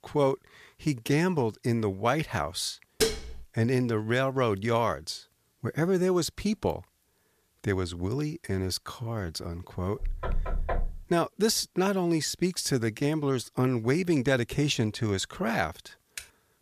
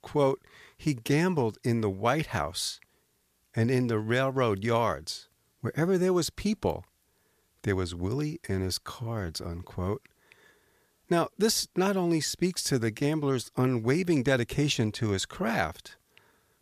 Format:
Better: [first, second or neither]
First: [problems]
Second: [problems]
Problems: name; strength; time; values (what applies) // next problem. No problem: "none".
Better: second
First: clattering dishes; loud; at 3 s; peak level with the speech // door banging; noticeable; from 10 to 11 s; peak 4 dB below the speech // keyboard typing; faint; at 16 s; peak 15 dB below the speech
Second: none